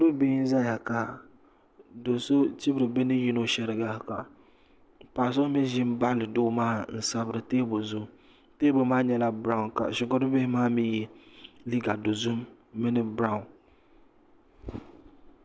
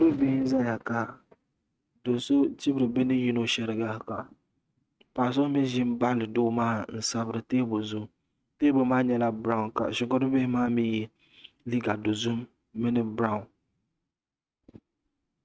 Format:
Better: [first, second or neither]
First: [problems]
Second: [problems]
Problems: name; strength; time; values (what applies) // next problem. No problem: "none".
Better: first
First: none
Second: noise reduction (neural mask model RNNoise)